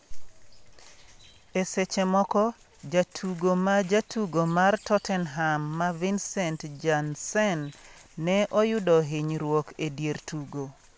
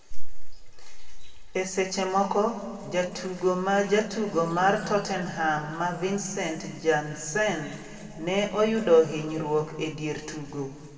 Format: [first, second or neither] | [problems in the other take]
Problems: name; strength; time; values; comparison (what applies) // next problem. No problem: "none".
first | room echo; dies away in 2 s